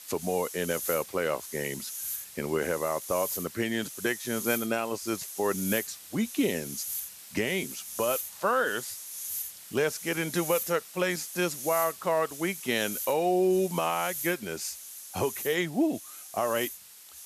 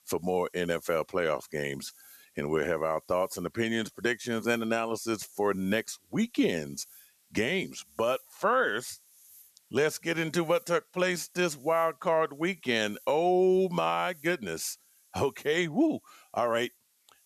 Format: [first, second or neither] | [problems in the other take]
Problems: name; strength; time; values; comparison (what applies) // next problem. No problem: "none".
second | hiss; loud; throughout; 7 dB below the speech; faint in the second